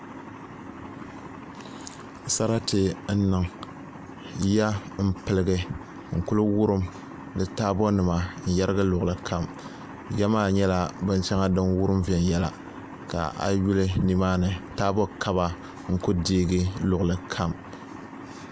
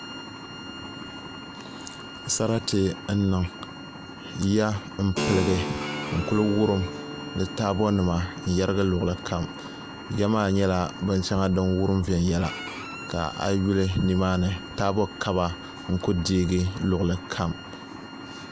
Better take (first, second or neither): first